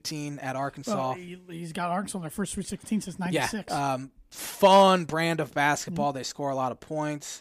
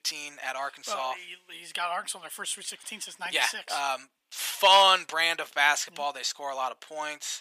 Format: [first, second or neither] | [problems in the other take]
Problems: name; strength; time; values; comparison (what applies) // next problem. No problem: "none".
first | thin; very; fading below 950 Hz